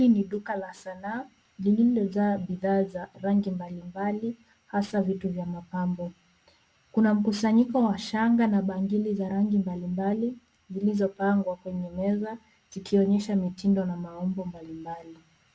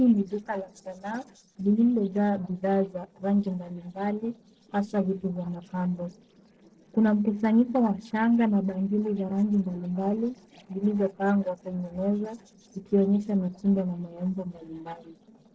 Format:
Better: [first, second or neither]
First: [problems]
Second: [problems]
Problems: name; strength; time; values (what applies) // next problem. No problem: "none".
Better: first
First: none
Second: noise reduction (neural separator model SepFormer DNS4)